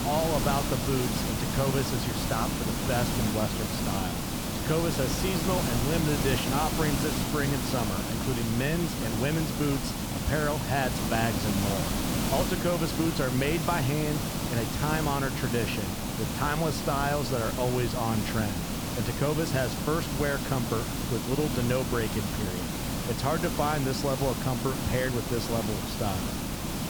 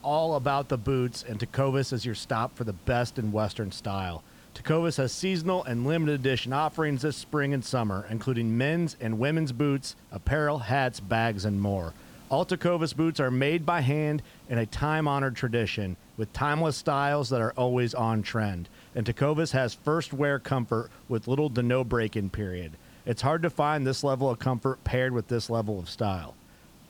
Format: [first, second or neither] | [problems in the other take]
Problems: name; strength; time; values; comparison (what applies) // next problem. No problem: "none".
second | hiss; loud; throughout; as loud as the speech; faint in the second